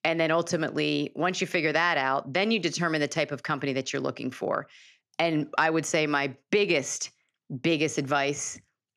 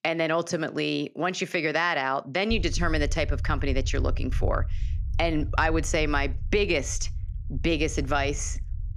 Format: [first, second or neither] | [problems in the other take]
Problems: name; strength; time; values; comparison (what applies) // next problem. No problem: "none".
first | low rumble; faint; from 2.5 s on; 25 dB below the speech